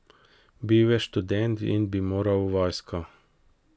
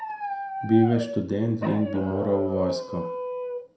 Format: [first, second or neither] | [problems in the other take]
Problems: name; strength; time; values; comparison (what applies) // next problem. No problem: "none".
first | background sound (Dog); 7 dB below the speech // room echo; dies away in 0.4 s